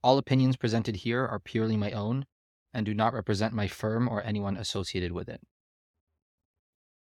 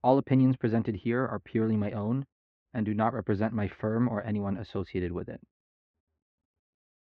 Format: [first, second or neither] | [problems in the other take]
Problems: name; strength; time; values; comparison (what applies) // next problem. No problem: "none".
first | muffled; very; fading above 2 kHz